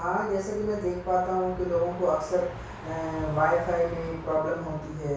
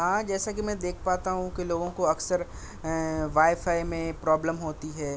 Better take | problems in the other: second | background sound (Motor vehicle (road)); 17 dB below the speech // room echo; dies away in 0.6 s

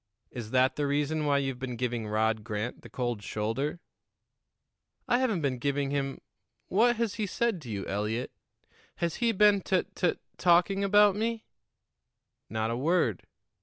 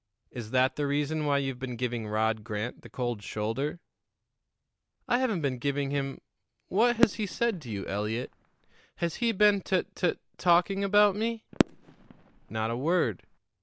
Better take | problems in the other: first | background sound (Fireworks); 5 dB below the speech

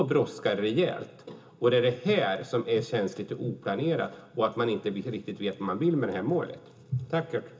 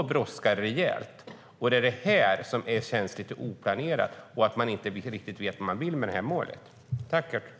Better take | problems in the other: second | room echo; dies away in 0.2 s

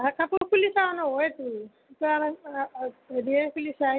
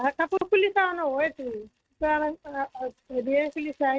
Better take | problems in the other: first | noise reduction (neural mask model RNNoise)

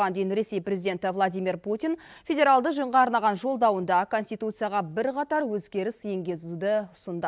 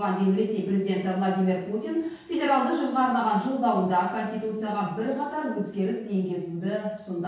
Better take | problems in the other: first | room echo; dies away in 0.6 s

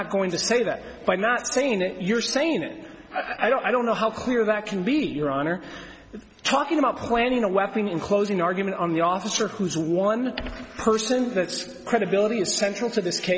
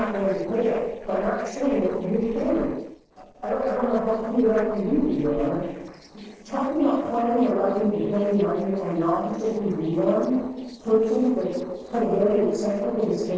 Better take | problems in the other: first | noise reduction (neural separator model SepFormer DNS4)

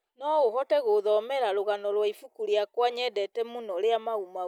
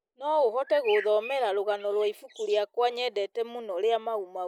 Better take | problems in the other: first | noise reduction (neural mask model Resemble Enhance denoiser)

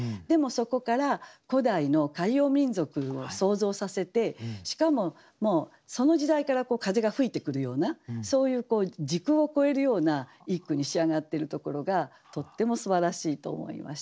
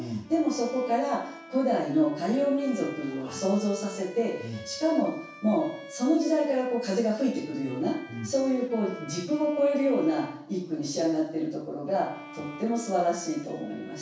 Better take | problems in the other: first | background sound (Bowed string instrument); 17 dB below the speech // room echo; dies away in 0.7 s

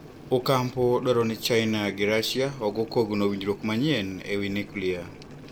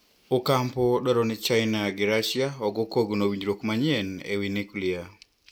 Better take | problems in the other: second | background sound (Boiling); 18 dB below the speech

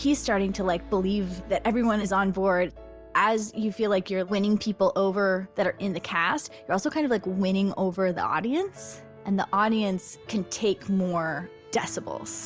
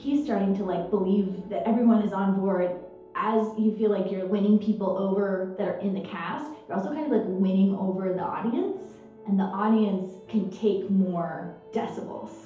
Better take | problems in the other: first | room echo; dies away in 2.2 s

